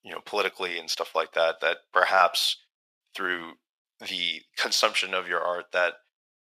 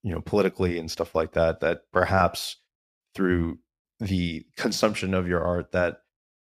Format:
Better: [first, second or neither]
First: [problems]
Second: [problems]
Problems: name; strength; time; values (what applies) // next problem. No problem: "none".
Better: second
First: thin; very; fading below 850 Hz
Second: none